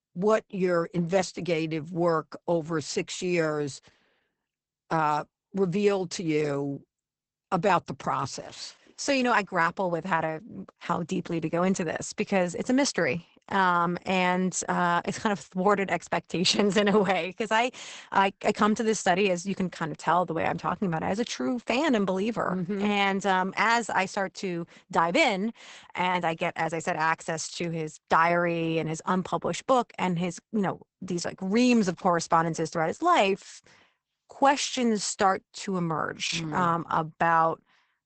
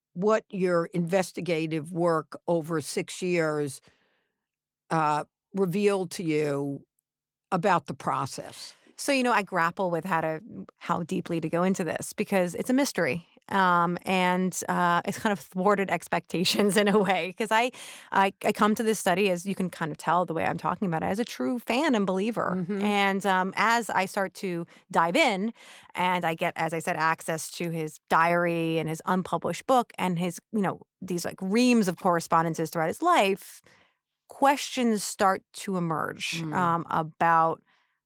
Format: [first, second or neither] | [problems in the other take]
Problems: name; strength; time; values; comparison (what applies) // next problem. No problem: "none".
second | garbled, watery; badly; nothing above 8 kHz; slightly in the second